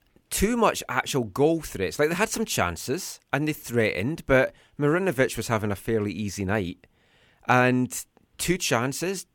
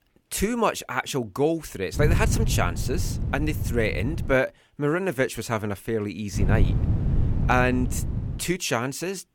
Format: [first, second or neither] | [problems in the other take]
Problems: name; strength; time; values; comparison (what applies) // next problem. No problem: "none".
first | wind noise on the microphone; occasional gusts; from 2 to 4.5 s and from 6.5 to 8.5 s; 10 dB below the speech